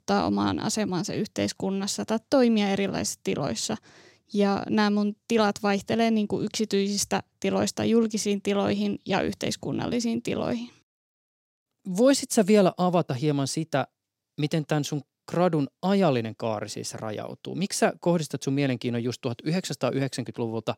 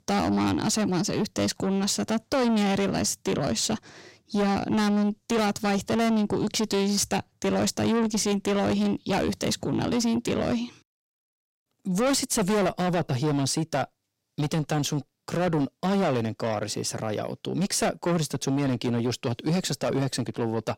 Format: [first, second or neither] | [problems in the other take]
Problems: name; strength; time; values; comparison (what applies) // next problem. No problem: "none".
first | distortion; heavy; 6 dB below the speech